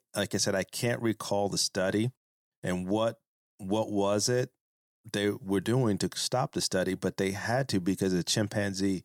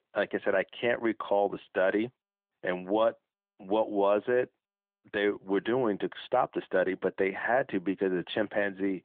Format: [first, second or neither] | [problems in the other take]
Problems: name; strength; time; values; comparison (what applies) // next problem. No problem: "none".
first | phone-call audio